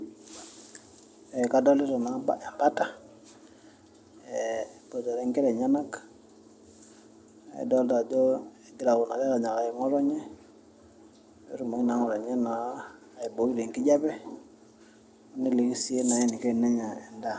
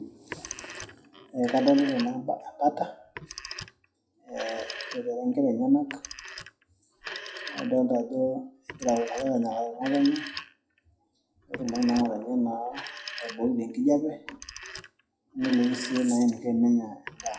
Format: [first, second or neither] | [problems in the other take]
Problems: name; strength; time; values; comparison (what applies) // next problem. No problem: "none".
first | noise reduction (classical method WPE with log-MMSE)